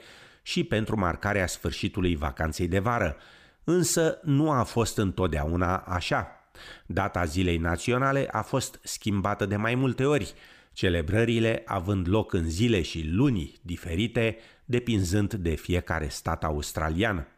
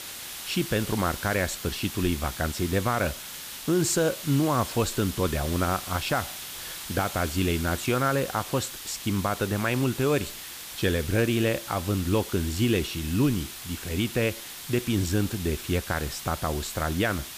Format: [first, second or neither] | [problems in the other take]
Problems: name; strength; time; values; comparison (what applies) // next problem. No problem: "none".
first | hiss; loud; throughout; 9 dB below the speech